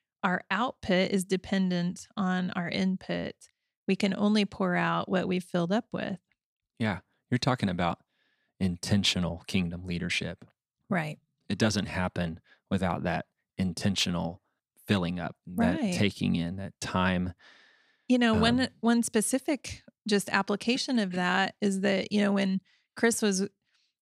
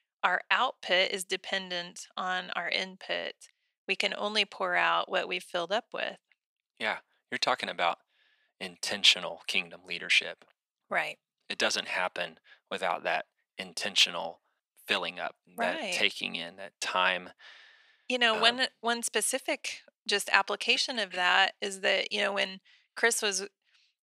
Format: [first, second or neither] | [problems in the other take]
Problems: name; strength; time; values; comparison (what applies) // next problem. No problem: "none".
first | thin; very; fading below 650 Hz